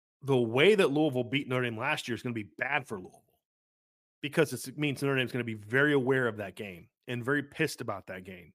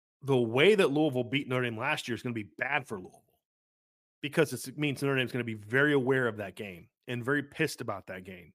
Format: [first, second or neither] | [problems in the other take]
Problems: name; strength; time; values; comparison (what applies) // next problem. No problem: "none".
neither | none